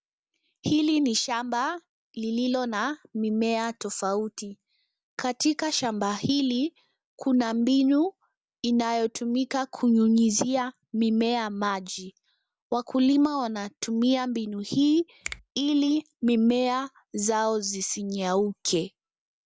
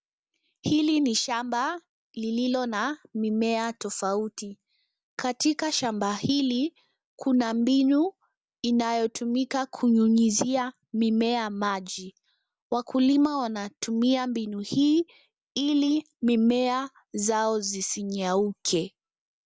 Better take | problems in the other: second | background sound (Finger snapping); 19 dB below the speech

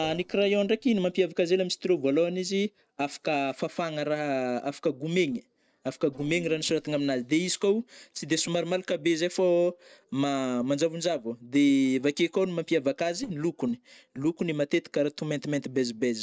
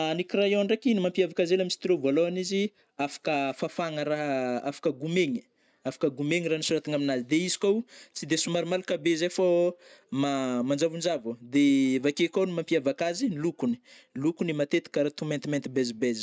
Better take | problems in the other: second | noise reduction (neural separator model SepFormer DNS4)

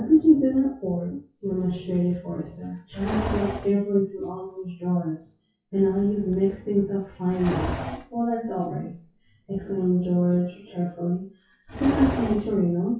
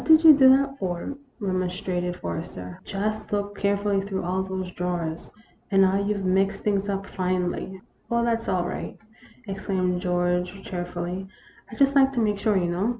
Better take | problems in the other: second | noise reduction (classical method WPE with log-MMSE)

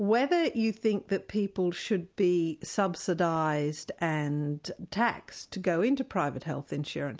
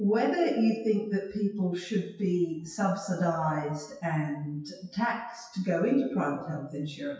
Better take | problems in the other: first | noise reduction (classical method WPE with log-MMSE)

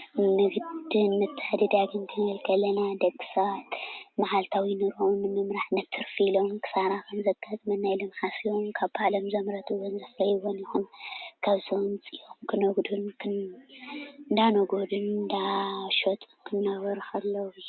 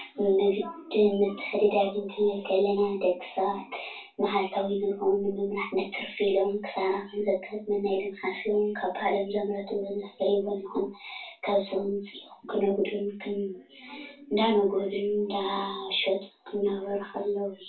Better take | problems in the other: first | room echo; dies away in 0.2 s

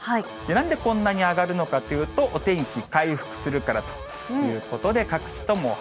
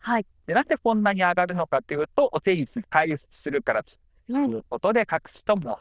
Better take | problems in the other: first | noise reduction (neural diffusion model UNIVERSE++)

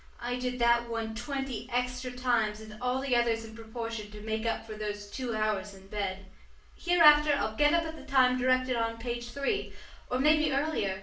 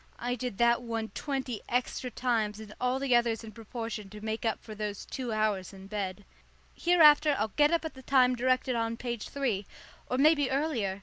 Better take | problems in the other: second | room echo; dies away in 0.4 s

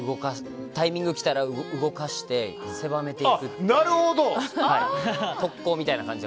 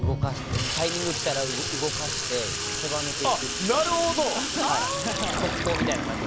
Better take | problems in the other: first | background sound (Sink (filling or washing) / Water tap, faucet); as loud as the speech

